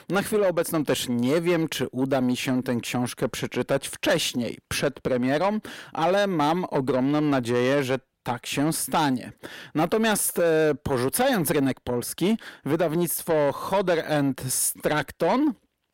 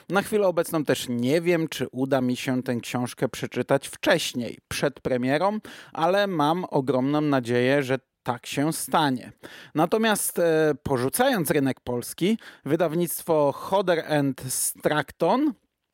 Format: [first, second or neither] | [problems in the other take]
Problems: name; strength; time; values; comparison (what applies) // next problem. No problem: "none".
second | distortion; slight; 10 dB below the speech